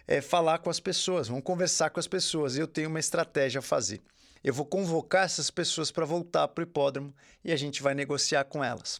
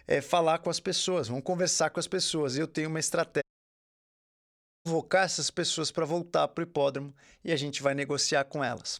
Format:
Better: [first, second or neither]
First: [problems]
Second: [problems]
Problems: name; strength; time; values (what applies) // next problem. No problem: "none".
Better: first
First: none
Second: audio cutting out; at 3.5 s for 1.5 s